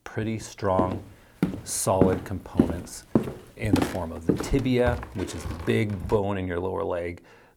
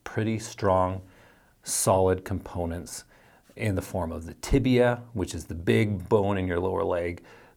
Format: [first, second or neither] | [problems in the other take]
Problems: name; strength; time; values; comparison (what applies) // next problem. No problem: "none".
second | footsteps; loud; from 1 to 6 s; peak 3 dB above the speech